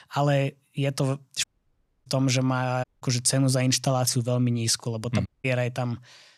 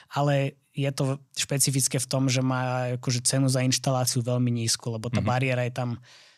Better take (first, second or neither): second